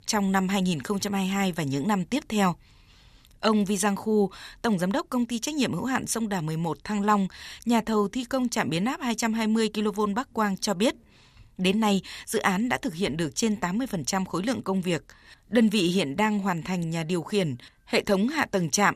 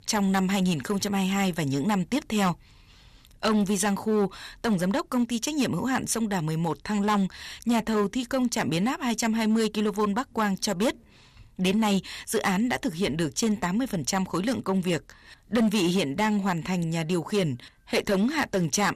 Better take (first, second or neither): first